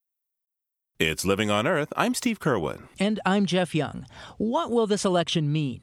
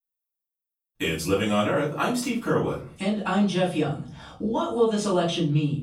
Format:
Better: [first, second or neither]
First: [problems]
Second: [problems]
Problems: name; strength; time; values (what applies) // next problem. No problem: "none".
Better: first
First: none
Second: off-mic speech; far // room echo; slight; dies away in 0.4 s